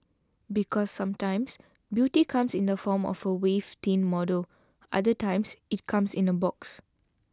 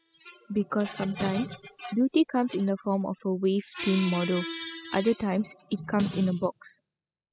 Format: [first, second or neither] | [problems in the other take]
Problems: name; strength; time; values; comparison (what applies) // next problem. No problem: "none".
first | noise reduction (classical method spectral subtraction)